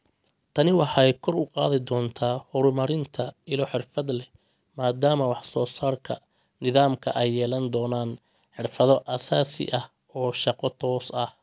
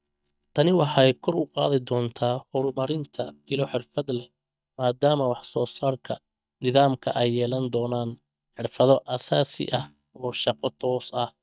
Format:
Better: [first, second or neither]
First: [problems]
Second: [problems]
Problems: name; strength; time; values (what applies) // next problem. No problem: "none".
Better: first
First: none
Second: noise reduction (neural mask model DeepFilterNet 3)